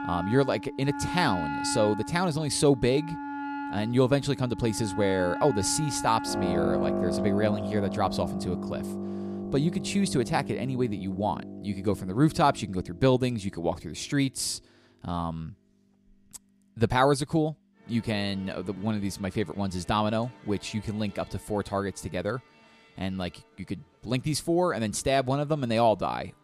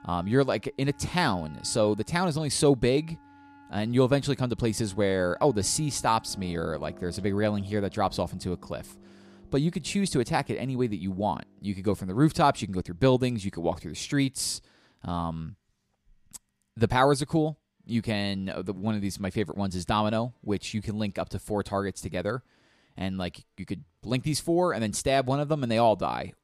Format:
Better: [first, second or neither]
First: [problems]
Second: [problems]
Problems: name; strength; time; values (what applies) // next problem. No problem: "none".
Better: second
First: background music; loud; throughout; 6 dB below the speech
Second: background music; faint; throughout; 25 dB below the speech